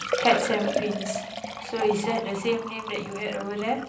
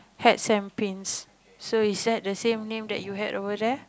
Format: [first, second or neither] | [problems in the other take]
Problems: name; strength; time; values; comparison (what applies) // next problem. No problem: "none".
second | background sound (Liquid); 4 dB below the speech // room echo; dies away in 0.6 s